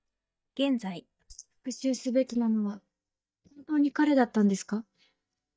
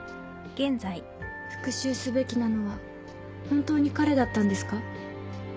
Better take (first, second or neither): second